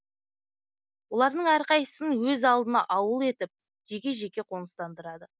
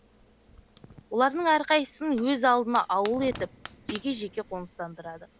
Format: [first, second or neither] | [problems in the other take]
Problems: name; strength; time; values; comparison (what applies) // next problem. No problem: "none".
first | background sound (Fire + Hi-hat); 18 dB below the speech